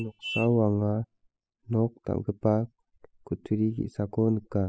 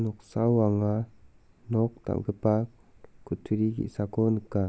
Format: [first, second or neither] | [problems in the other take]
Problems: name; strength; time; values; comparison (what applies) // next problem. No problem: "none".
second | noise reduction (classical method spectral subtraction)